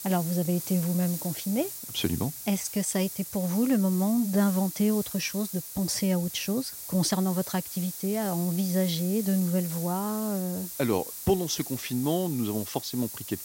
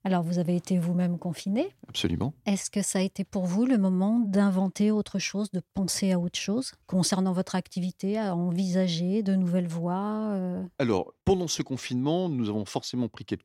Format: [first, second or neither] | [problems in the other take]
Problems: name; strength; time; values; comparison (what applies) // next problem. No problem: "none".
second | hiss; loud; throughout; 8 dB below the speech